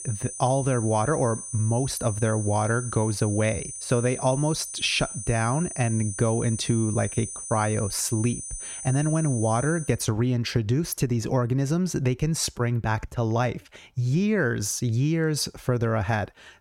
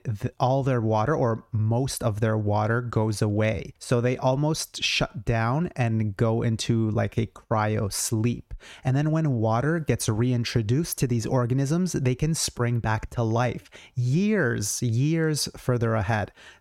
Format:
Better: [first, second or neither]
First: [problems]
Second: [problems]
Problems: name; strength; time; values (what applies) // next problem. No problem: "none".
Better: second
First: high-pitched whine; loud; until 10 s; 9 kHz, 8 dB below the speech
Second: none